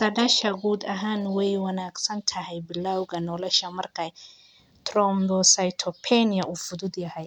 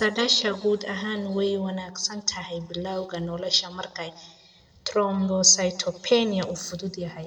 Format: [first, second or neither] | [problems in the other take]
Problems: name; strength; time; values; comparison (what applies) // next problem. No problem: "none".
first | room echo; dies away in 0.5 s